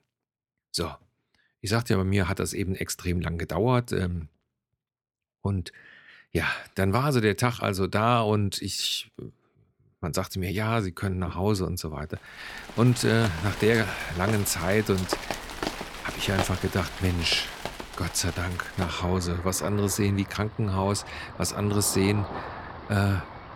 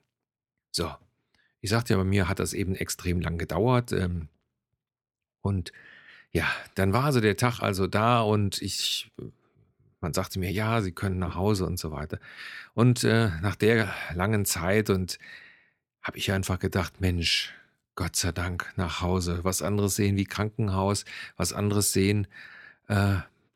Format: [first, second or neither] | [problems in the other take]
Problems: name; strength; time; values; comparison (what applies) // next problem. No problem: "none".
second | rain or running water; loud; from 13 s on; 10 dB below the speech